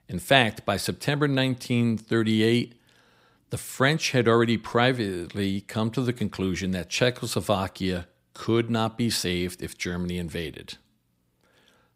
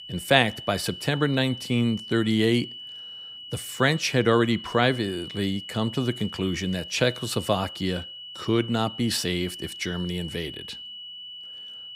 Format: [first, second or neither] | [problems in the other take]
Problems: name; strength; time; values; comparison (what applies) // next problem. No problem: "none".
first | high-pitched whine; noticeable; throughout; 3 kHz, 10 dB below the speech